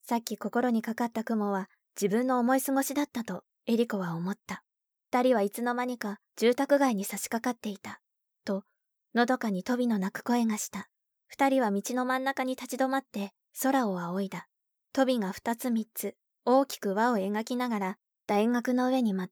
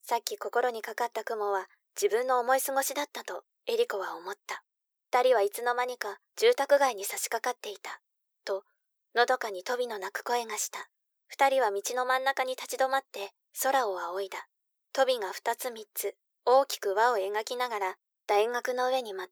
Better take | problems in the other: first | thin; very; fading below 400 Hz

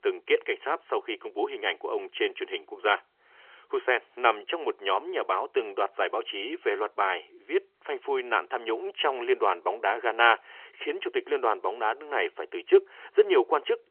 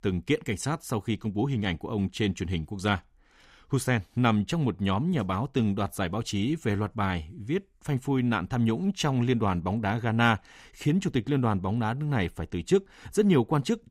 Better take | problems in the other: second | phone-call audio; nothing above 3 kHz

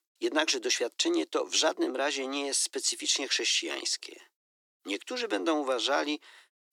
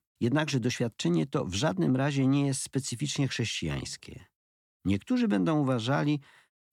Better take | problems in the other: second | thin; very; fading below 350 Hz

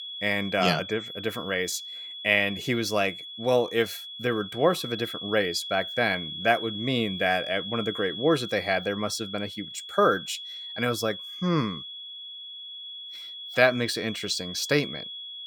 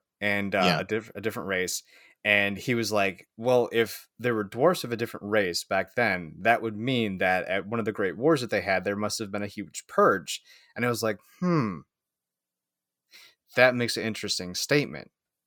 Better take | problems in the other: second | high-pitched whine; loud; throughout; 3.5 kHz, 9 dB below the speech

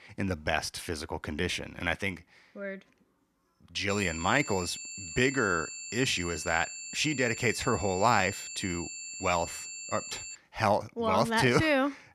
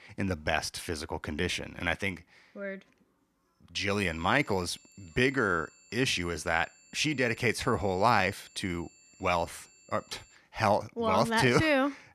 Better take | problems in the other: second | high-pitched whine; loud; from 4 to 10 s; 7.5 kHz, 9 dB below the speech; faint in the second

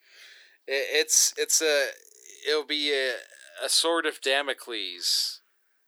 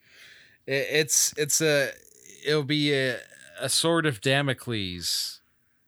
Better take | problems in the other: second | thin; very; fading below 350 Hz

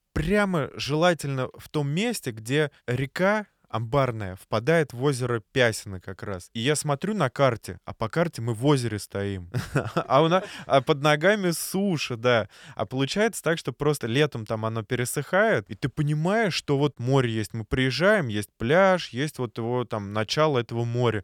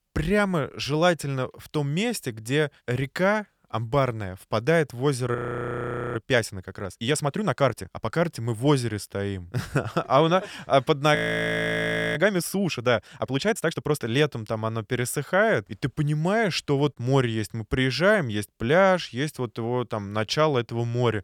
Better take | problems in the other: first | audio freezing; at 5.5 s for 1 s and at 11 s for 1 s

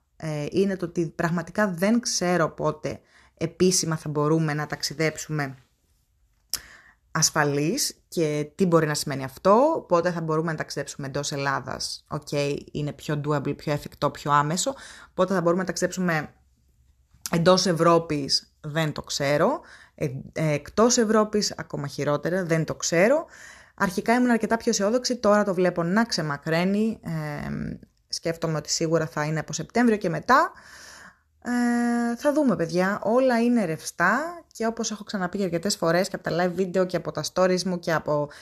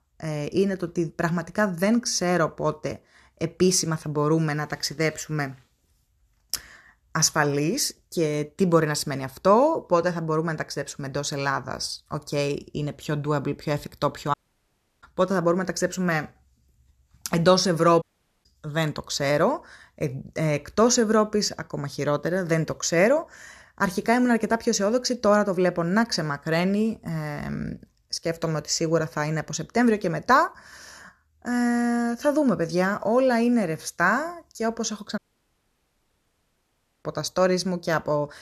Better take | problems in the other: first | audio cutting out; at 14 s for 0.5 s, at 18 s and at 35 s for 2 s

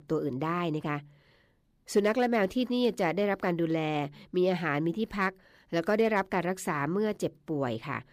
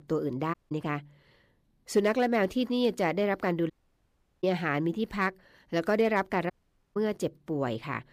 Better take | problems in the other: first | audio cutting out; at 0.5 s, at 3.5 s for 0.5 s and at 6.5 s

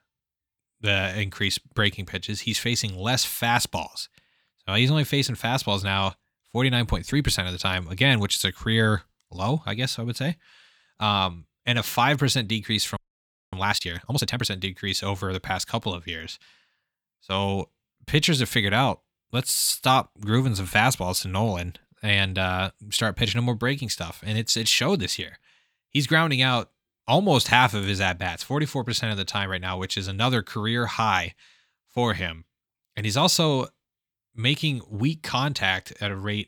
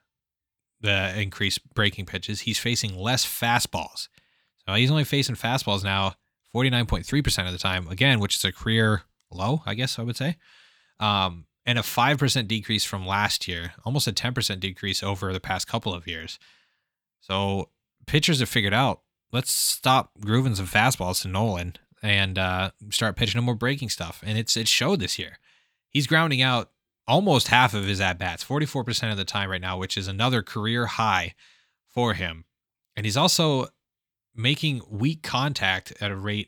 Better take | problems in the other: second | audio freezing; at 13 s for 0.5 s

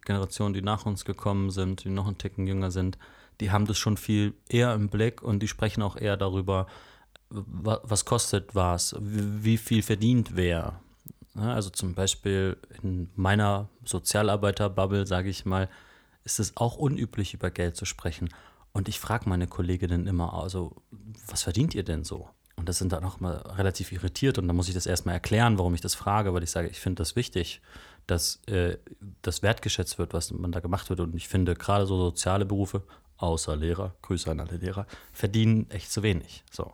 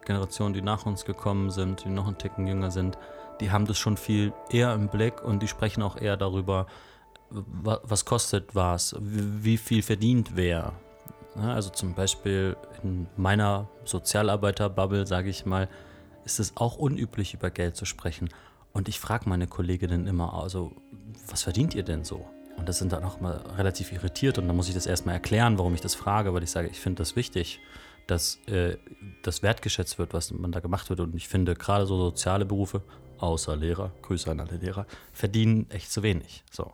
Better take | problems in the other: first | background music; noticeable; throughout; 20 dB below the speech

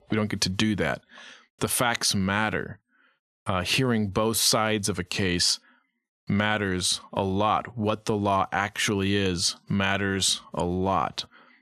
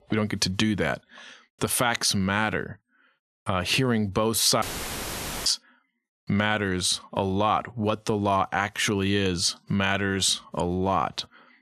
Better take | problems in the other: first | audio cutting out; filled with static; at 4.5 s for 1 s

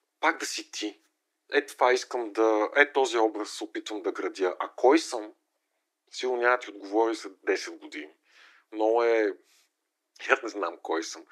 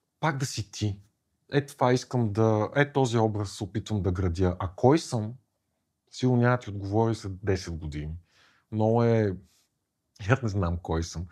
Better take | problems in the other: second | thin; very; fading below 300 Hz

